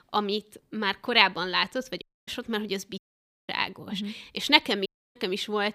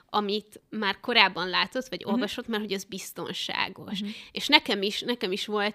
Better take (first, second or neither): second